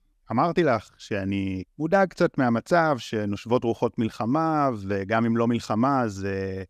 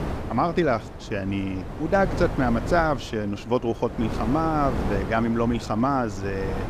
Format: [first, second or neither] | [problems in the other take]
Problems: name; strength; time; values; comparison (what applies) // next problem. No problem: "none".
first | wind noise on the microphone; occasional gusts; 10 dB below the speech